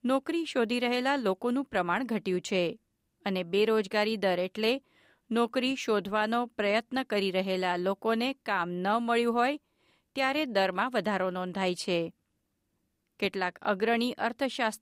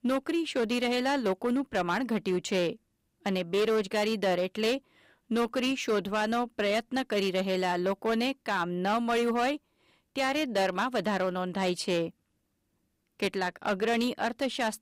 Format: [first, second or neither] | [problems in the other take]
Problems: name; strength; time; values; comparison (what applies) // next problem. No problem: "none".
first | distortion; slight; 9% of the sound clipped